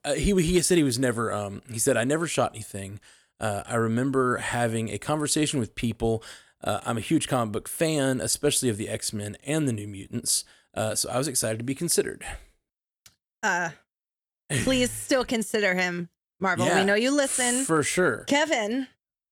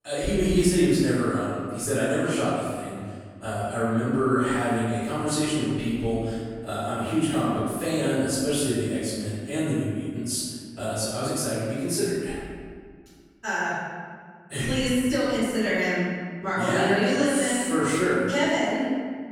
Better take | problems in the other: first | off-mic speech; far // room echo; strong; dies away in 1.7 s

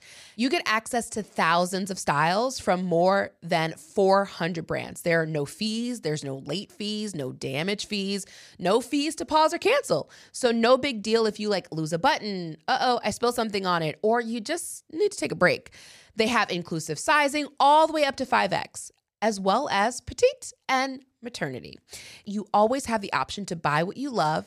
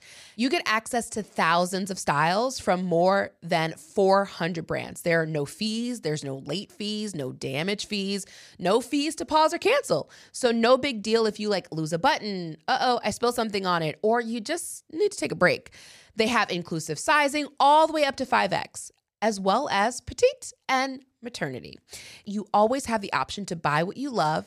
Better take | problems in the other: neither | none

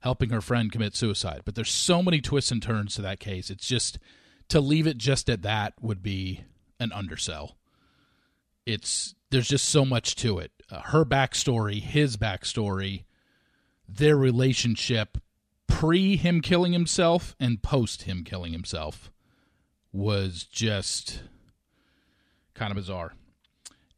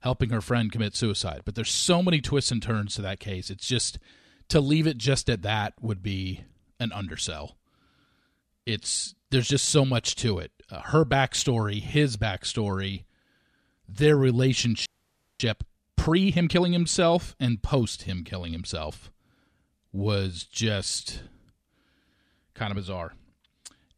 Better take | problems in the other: first | audio freezing; at 15 s for 0.5 s

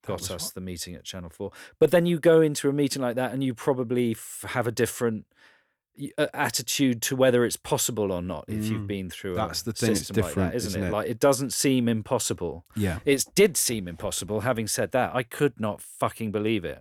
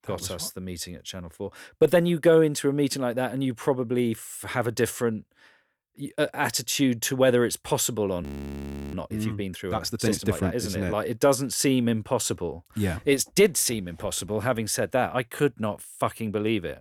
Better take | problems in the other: first | audio freezing; at 8 s for 0.5 s

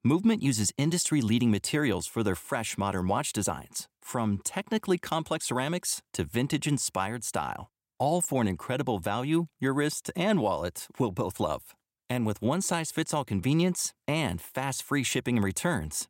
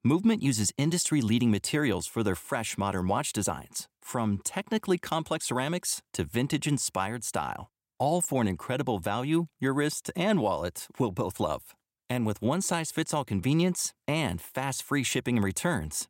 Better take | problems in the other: neither | none

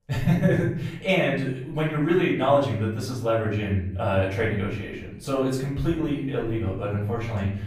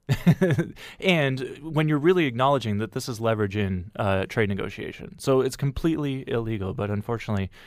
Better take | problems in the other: second | off-mic speech; far // room echo; noticeable; dies away in 0.7 s

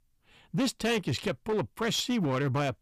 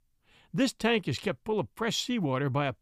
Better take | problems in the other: second | distortion; slight; 11% of the sound clipped

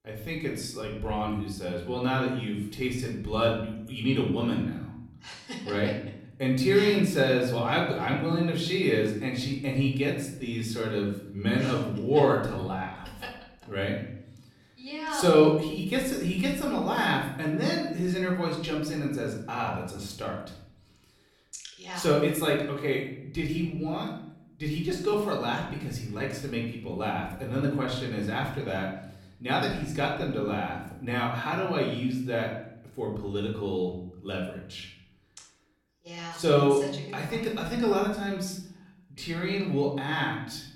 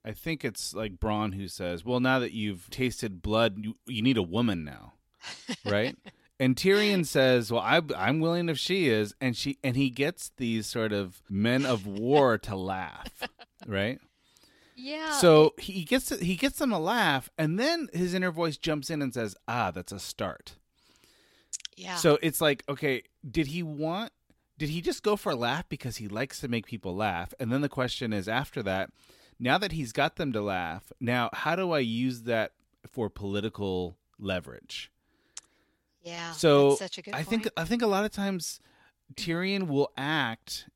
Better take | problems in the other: second | off-mic speech; somewhat distant // room echo; noticeable; dies away in 0.8 s

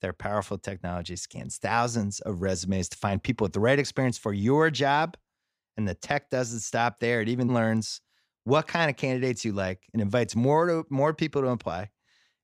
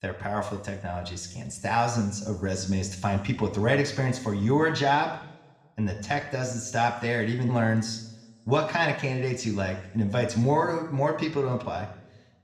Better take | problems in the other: first | room echo; slight; dies away in 0.9 s // off-mic speech; somewhat distant

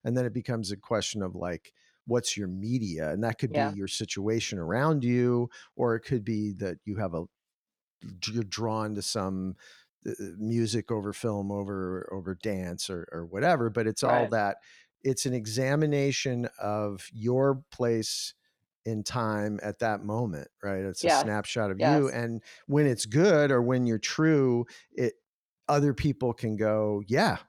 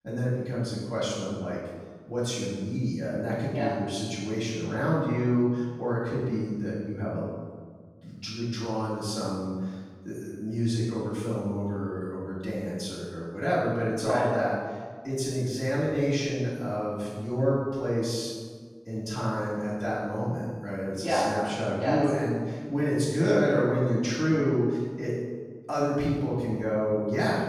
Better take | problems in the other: first | off-mic speech; far // room echo; strong; dies away in 1.3 s

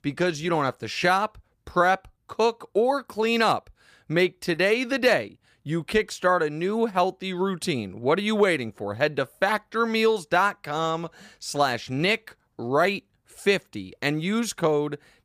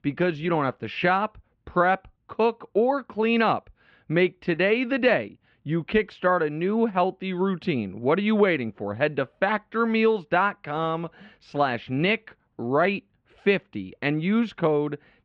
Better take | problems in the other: first | muffled; slightly; fading above 3 kHz

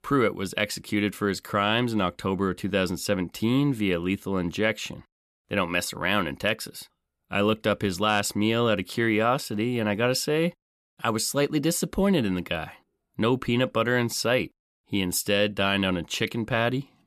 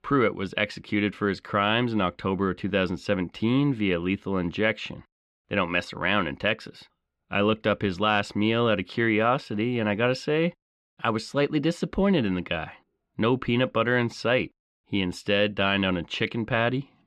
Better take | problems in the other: first | muffled; slightly; fading above 3 kHz

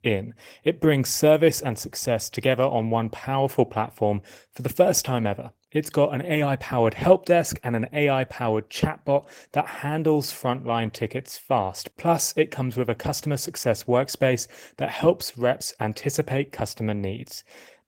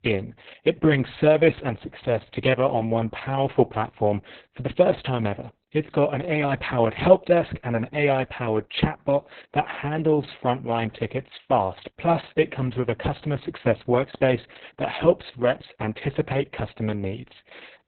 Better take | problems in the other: first | garbled, watery; badly; nothing above 4 kHz; slightly in the first

